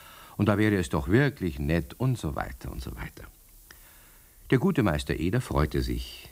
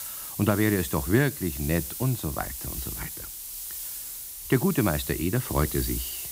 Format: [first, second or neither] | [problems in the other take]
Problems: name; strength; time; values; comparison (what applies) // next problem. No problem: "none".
first | hiss; loud; throughout; 6 dB below the speech; faint in the first